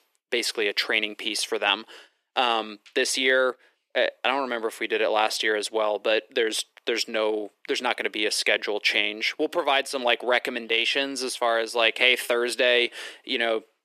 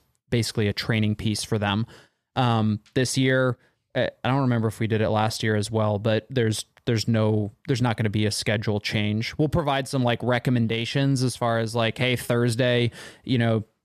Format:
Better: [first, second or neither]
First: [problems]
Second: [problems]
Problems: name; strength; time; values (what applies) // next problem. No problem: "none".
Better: second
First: thin; very; fading below 350 Hz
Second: none